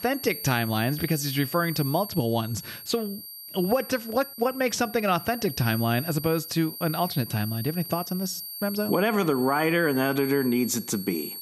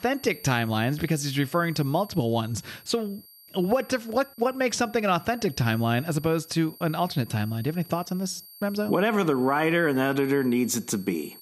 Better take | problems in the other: second | high-pitched whine; loud; throughout; 11.5 kHz, 10 dB below the speech; faint in the second

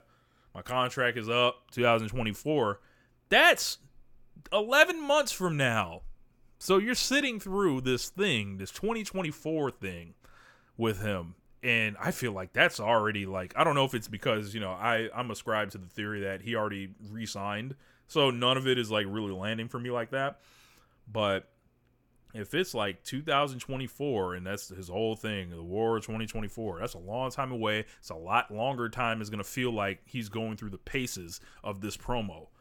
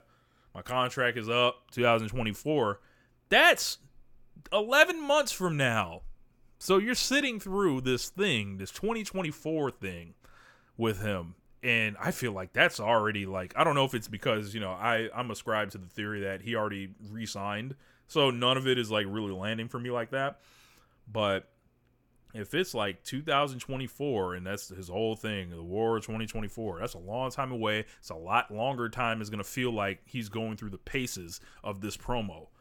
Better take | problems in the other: neither | none

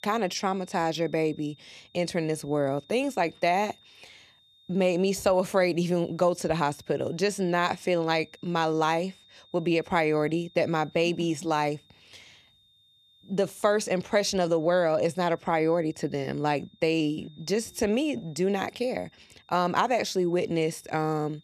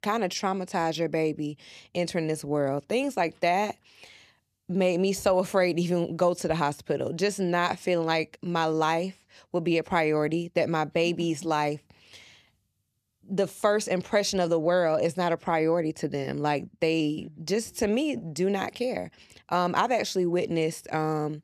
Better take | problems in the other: second | high-pitched whine; faint; throughout; 3.5 kHz, 30 dB below the speech

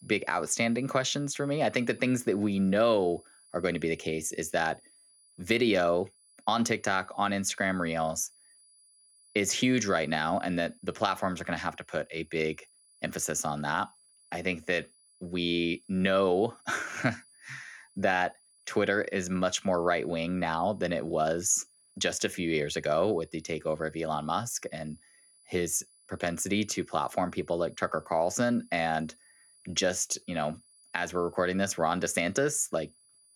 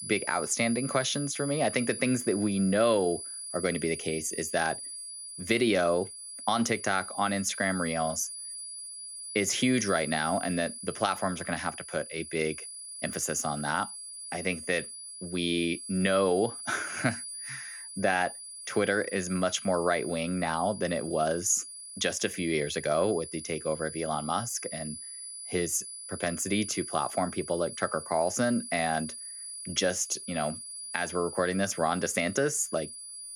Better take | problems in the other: first | high-pitched whine; loud; throughout; 10 kHz, 9 dB below the speech; faint in the first

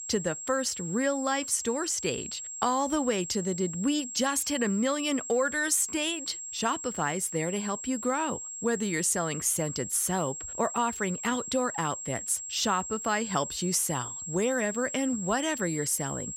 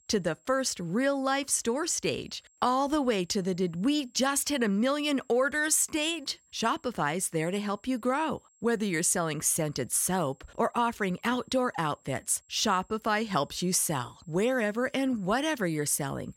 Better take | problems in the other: second | high-pitched whine; loud; throughout; 7.5 kHz, 7 dB below the speech; faint in the second

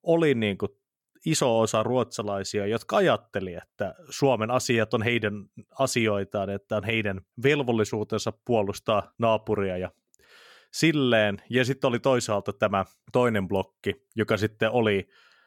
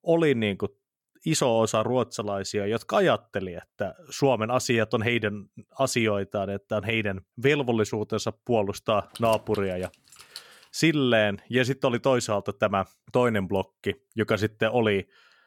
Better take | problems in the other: first | jangling keys; faint; from 9 to 11 s; peak 15 dB below the speech

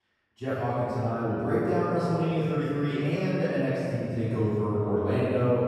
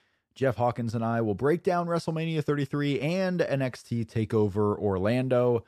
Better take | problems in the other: second | off-mic speech; far // room echo; strong; dies away in 2.7 s

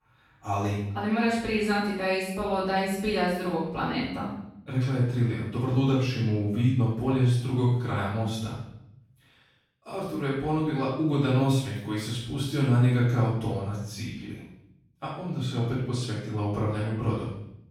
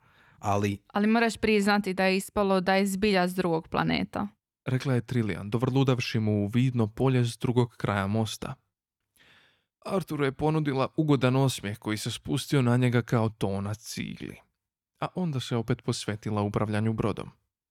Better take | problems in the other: second | off-mic speech; far // room echo; strong; dies away in 0.7 s

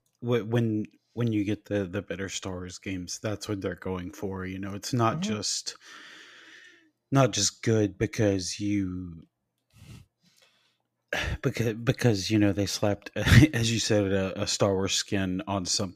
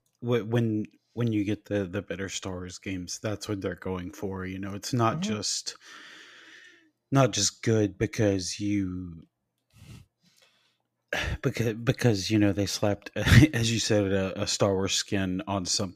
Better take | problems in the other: neither | none

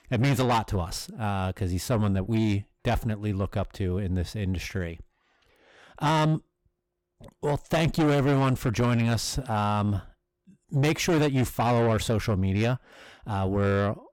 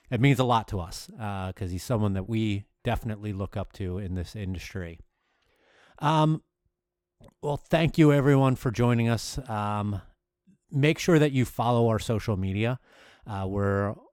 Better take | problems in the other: second | distortion; heavy; 6 dB below the speech

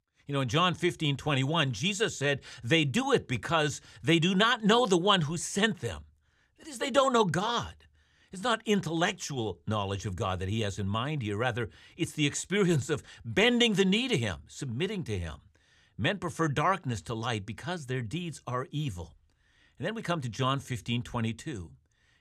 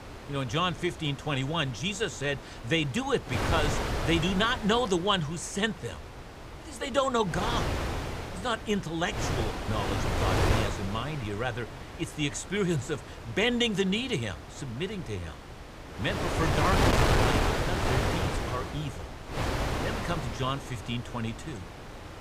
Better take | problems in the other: first | wind noise on the microphone; heavy; 1 dB below the speech

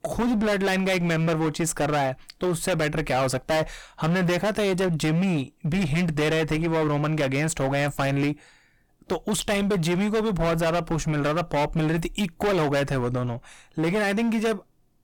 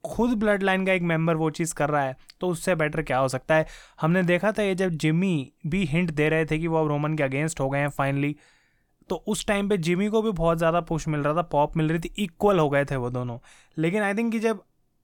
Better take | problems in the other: second | distortion; heavy; 24% of the sound clipped

